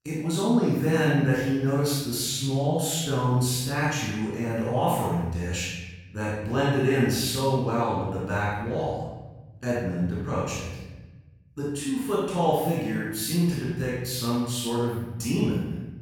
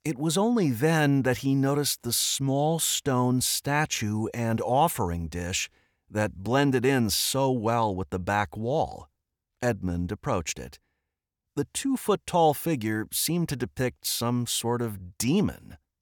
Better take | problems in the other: second | room echo; strong; dies away in 1.2 s // off-mic speech; far

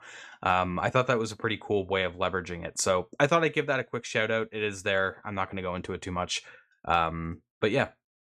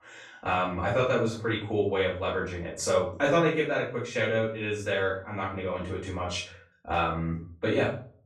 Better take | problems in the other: first | off-mic speech; far // room echo; noticeable; dies away in 0.4 s

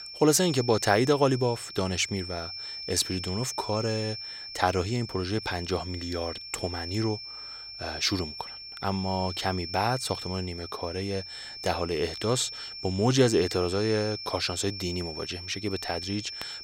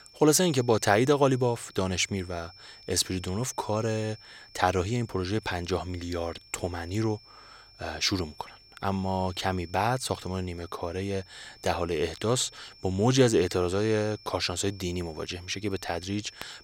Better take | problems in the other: second | high-pitched whine; loud; throughout; 5.5 kHz, 8 dB below the speech; faint in the second

